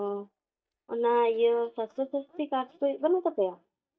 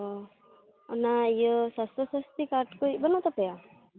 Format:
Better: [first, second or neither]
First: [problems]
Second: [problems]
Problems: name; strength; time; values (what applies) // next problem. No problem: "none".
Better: second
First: noise reduction (neural mask model DeepFilterNet 3)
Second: none